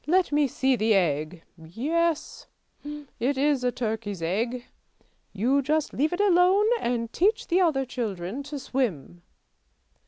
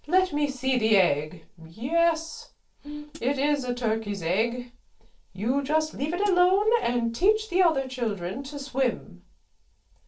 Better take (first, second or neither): first